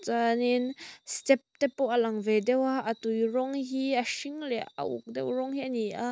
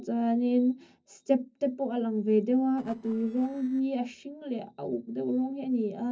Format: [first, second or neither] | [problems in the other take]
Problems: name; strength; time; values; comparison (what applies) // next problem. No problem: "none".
first | noise reduction (neural separator model SepFormer DNS4)